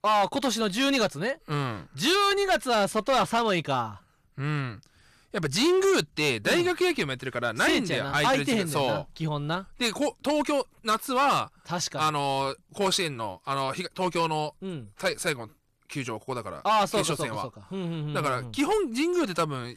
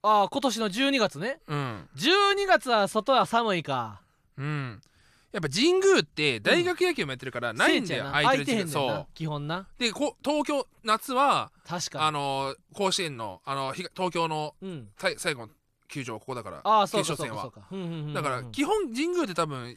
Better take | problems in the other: second | distortion; slight; 7% of the sound clipped

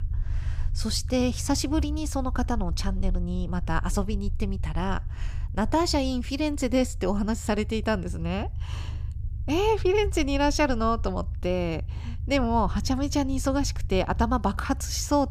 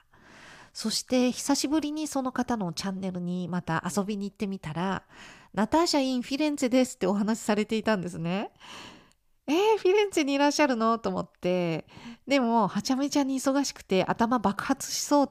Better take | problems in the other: second | low rumble; faint; throughout; 25 dB below the speech

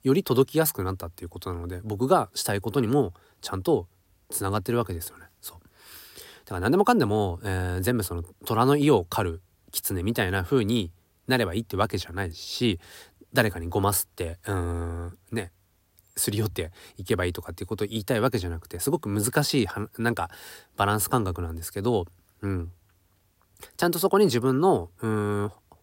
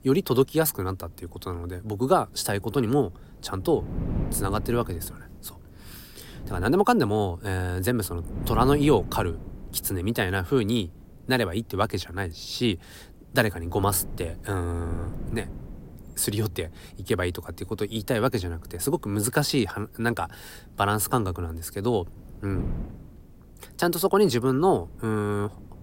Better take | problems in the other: first | wind noise on the microphone; occasional gusts; 20 dB below the speech

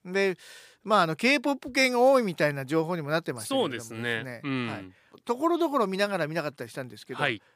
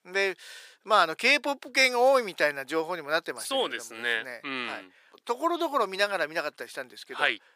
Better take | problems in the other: first | thin; somewhat; fading below 450 Hz

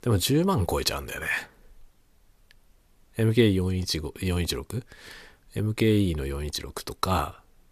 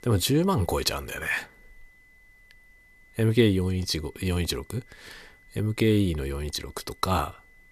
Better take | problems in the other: first | high-pitched whine; faint; throughout; 2 kHz, 30 dB below the speech

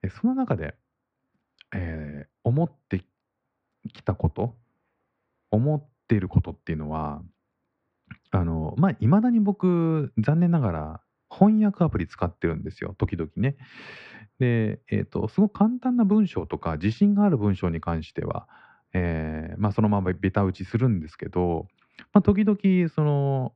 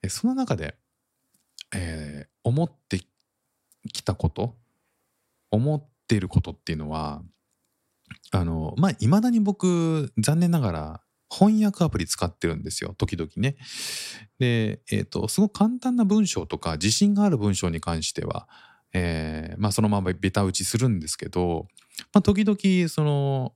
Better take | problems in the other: second | muffled; very; fading above 2 kHz

